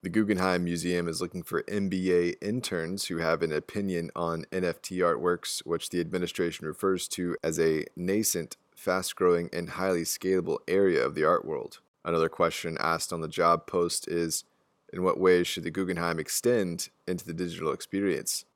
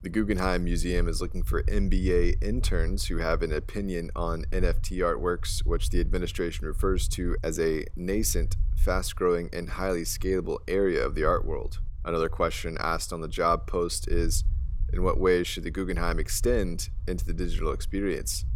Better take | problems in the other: first | low rumble; faint; throughout; 25 dB below the speech

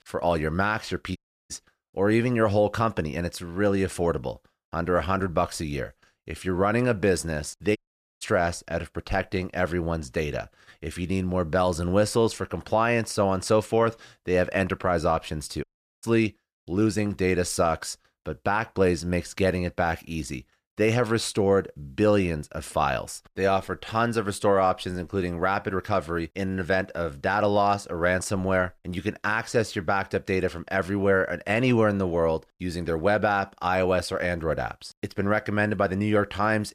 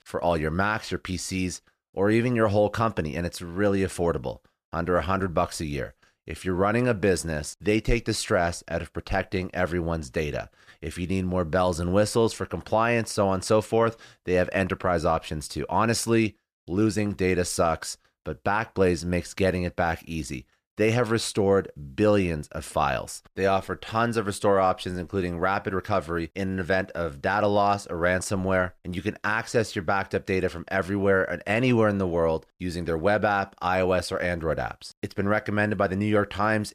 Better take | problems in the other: second | audio cutting out; at 1 s, at 8 s and at 16 s

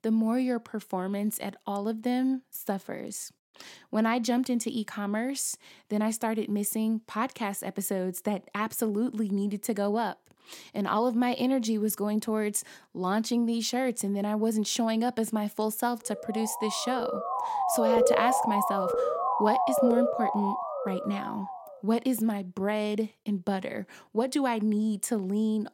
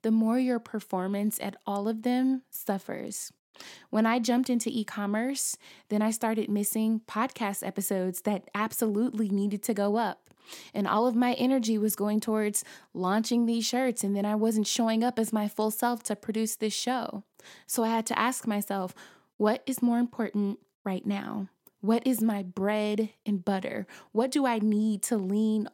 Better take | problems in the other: second | siren; loud; from 16 to 22 s; peak 6 dB above the speech

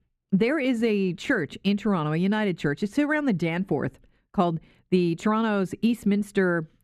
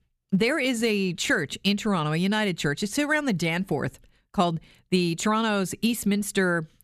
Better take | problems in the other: second | muffled; slightly; fading above 3.5 kHz

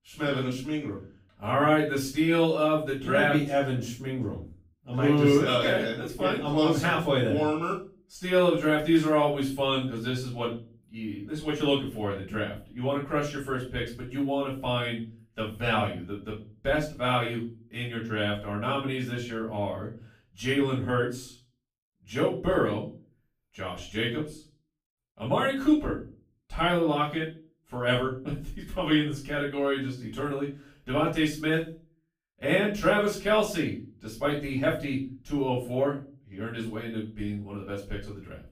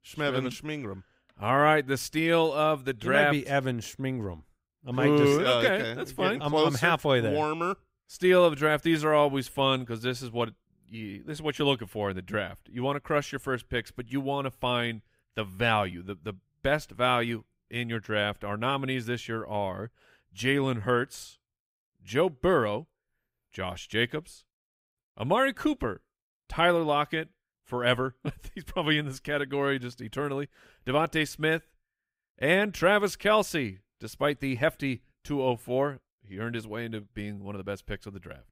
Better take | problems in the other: second | off-mic speech; far // room echo; slight; dies away in 0.4 s

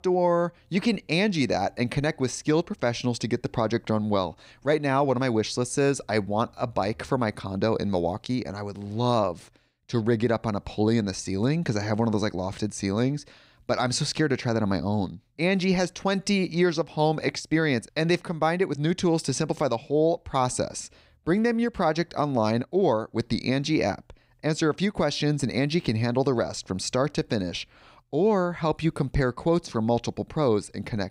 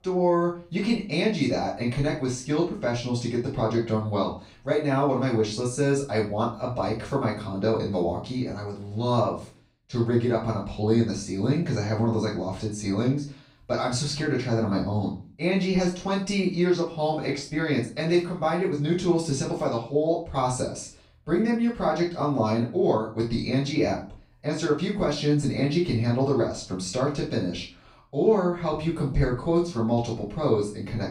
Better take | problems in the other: first | off-mic speech; far // room echo; slight; dies away in 0.3 s

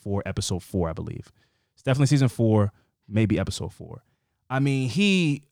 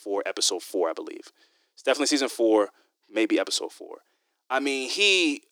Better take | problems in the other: first | thin; very; fading below 300 Hz

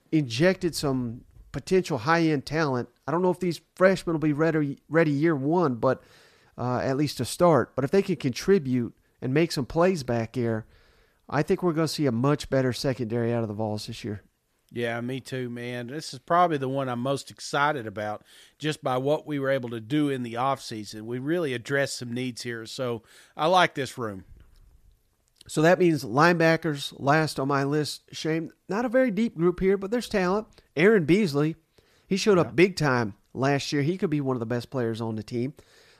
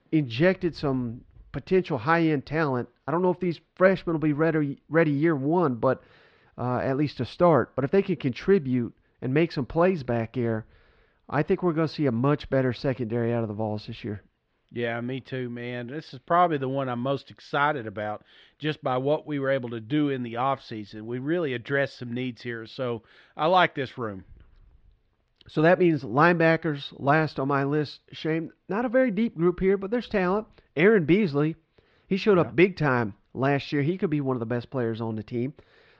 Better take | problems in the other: first | muffled; slightly; fading above 3.5 kHz

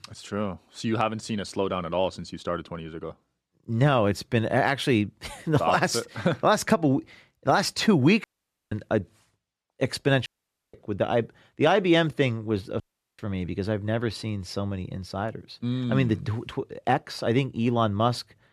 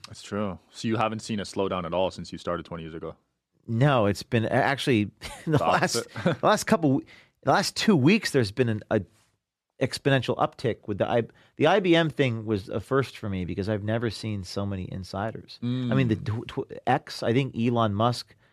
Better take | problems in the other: second | audio cutting out; at 8 s, at 10 s and at 13 s

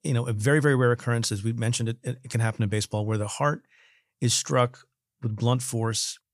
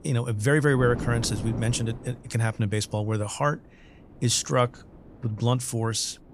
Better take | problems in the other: first | wind noise on the microphone; occasional gusts; 15 dB below the speech

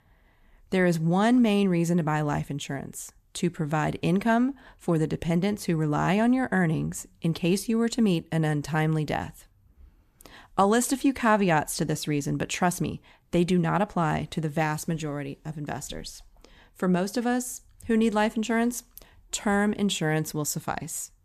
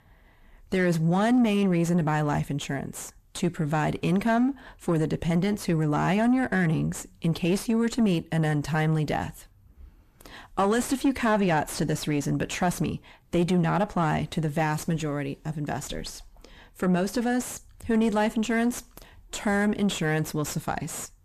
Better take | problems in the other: first | distortion; slight; 9 dB below the speech

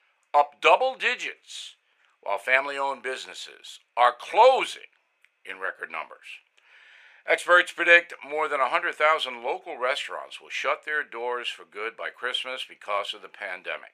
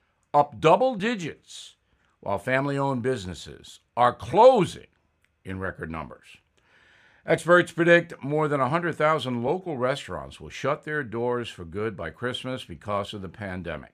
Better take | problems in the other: second | thin; very; fading below 550 Hz

